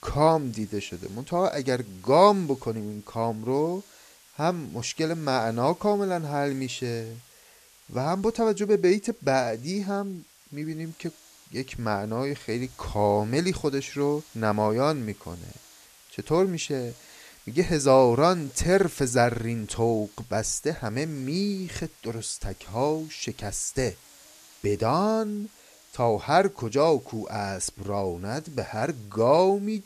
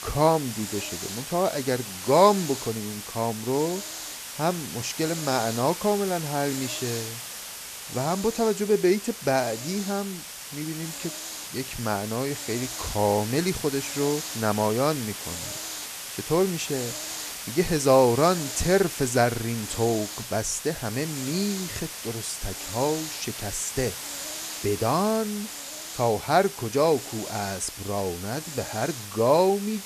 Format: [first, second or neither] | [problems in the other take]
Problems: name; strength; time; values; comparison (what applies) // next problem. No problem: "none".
first | hiss; loud; throughout; 8 dB below the speech; faint in the first